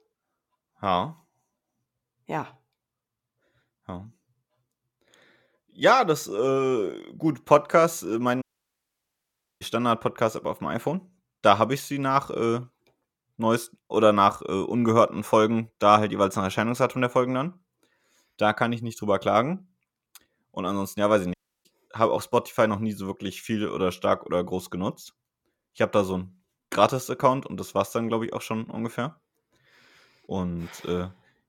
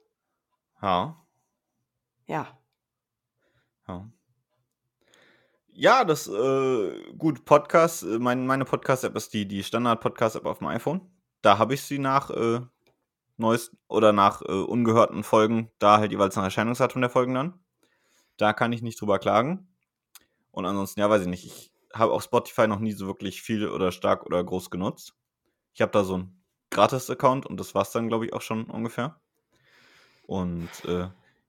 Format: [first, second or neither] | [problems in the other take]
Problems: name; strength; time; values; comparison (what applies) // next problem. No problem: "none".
second | audio cutting out; at 8.5 s for 1 s and at 21 s